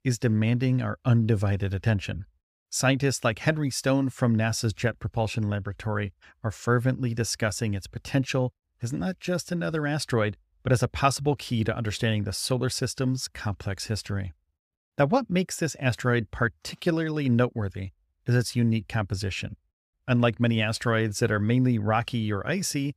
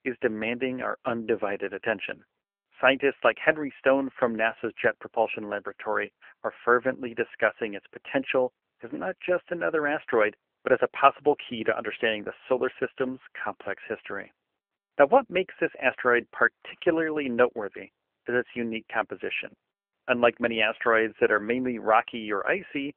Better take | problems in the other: first | phone-call audio; nothing above 3 kHz

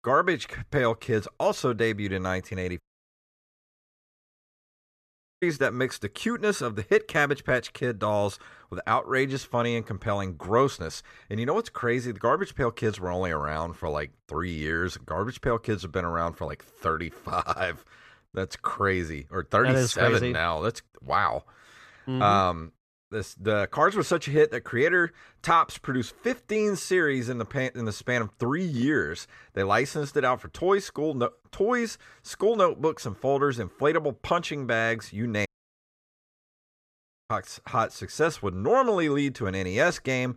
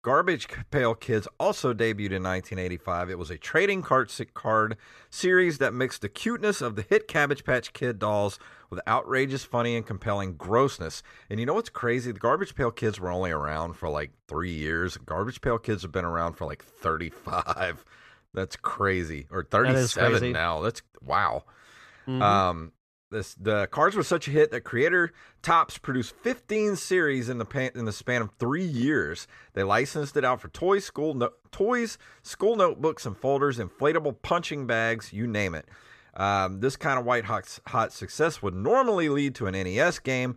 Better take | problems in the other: second | audio cutting out; at 3 s for 2.5 s and at 35 s for 2 s

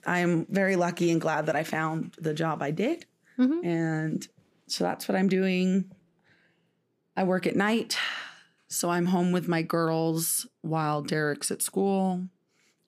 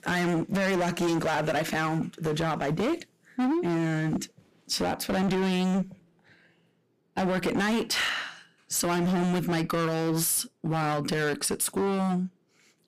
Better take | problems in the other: first | distortion; heavy; 23% of the sound clipped

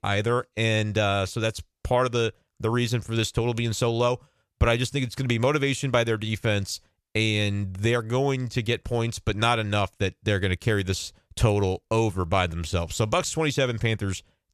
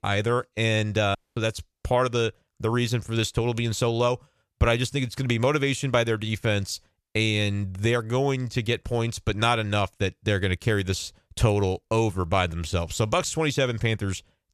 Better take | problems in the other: first | audio cutting out; at 1 s

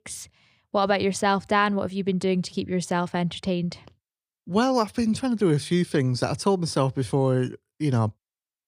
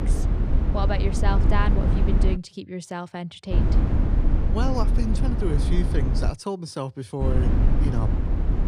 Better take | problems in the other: first | low rumble; loud; until 2.5 s, from 3.5 to 6.5 s and from 7 s on; 3 dB below the speech

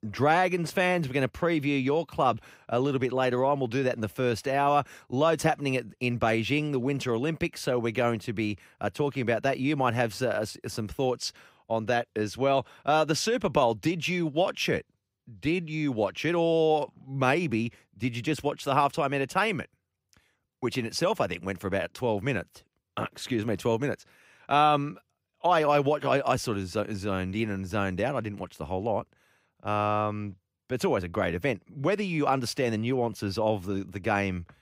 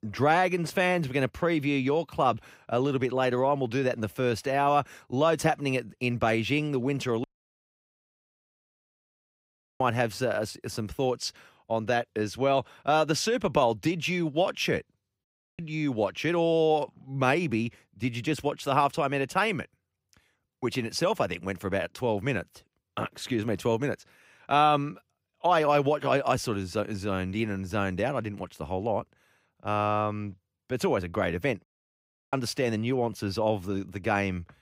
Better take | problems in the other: first | audio cutting out; at 7 s for 2.5 s, at 15 s and at 32 s for 0.5 s

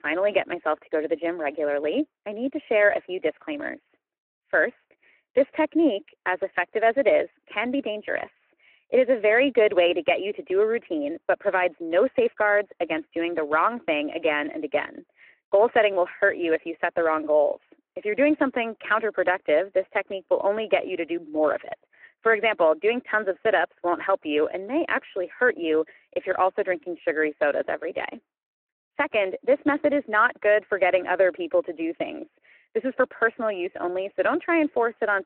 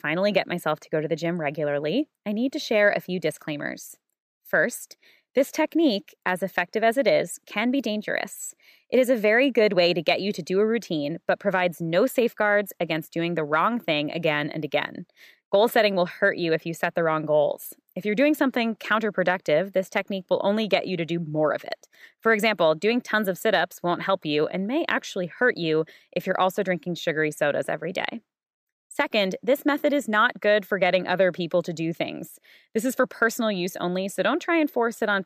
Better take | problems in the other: second | phone-call audio

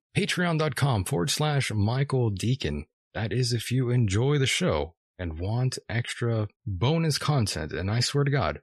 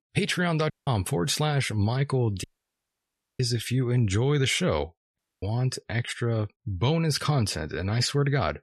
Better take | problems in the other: first | audio cutting out; at 0.5 s, at 2.5 s for 1 s and at 5 s

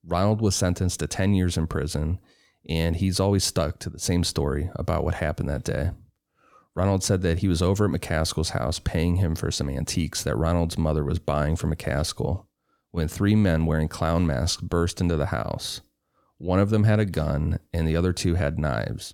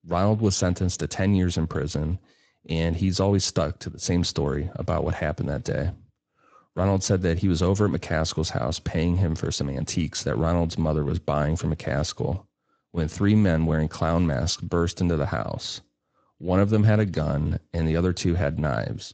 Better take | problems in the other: first | garbled, watery; slightly; nothing above 7.5 kHz

